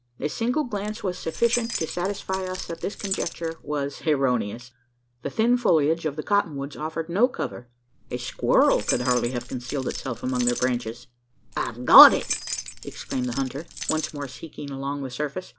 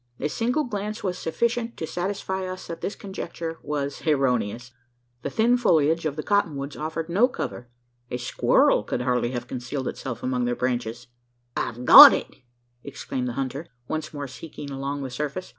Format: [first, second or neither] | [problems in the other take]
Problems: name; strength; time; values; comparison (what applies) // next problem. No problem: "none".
second | background sound (Keys jangling); 10 dB below the speech